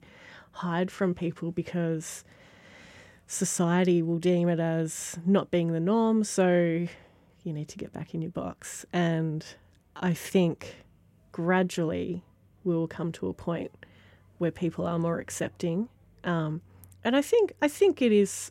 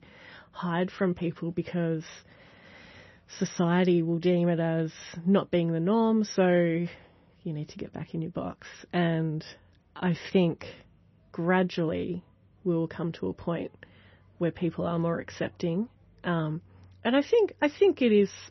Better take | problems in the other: first | garbled, watery; slightly; nothing above 6 kHz

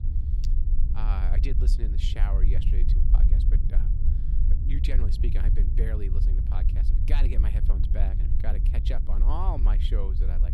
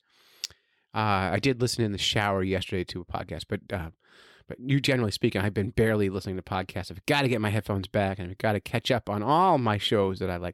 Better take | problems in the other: second | low rumble; loud; throughout; 5 dB below the speech

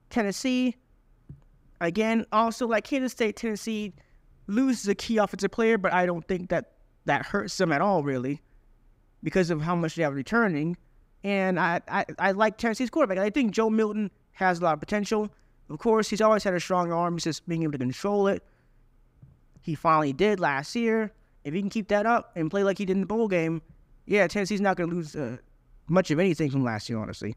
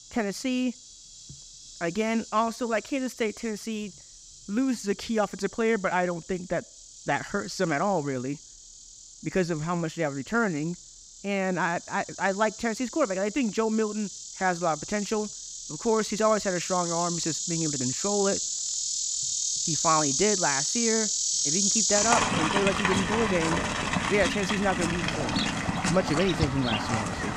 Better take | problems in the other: first | animal sounds; very loud; throughout; 1 dB above the speech

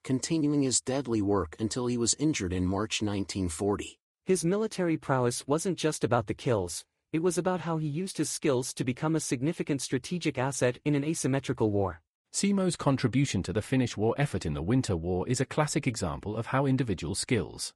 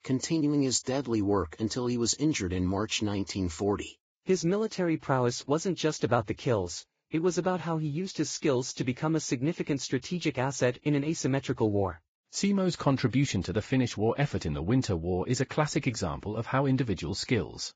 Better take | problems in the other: first | garbled, watery; badly; nothing above 7.5 kHz; slightly in the first

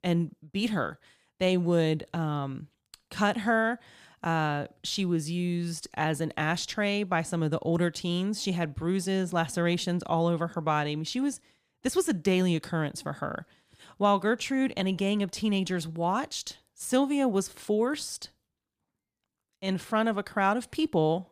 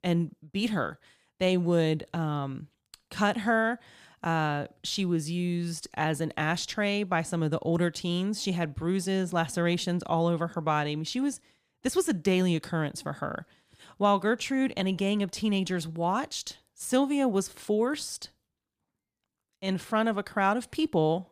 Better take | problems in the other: neither | none

